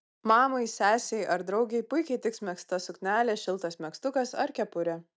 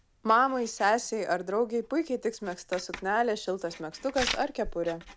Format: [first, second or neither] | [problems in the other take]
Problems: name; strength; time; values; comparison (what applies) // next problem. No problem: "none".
first | background sound (Writing); 13 dB below the speech